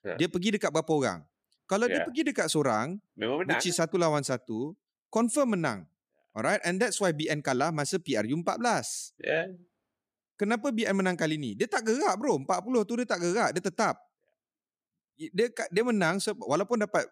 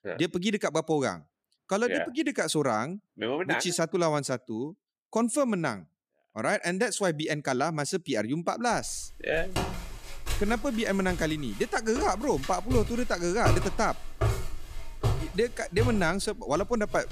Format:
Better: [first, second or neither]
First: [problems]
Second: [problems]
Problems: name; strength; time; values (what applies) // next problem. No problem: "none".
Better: first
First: none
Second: footsteps; loud; from 9 s on; peak level with the speech